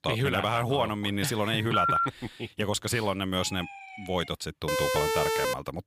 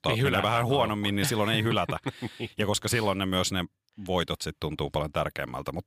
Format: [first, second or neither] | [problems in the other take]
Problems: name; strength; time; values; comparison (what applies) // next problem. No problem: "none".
second | phone ringing; loud; at 1.5 s; peak 5 dB above the speech // siren; faint; at 3.5 s; peak 10 dB below the speech // siren; loud; at 4.5 s; peak 3 dB above the speech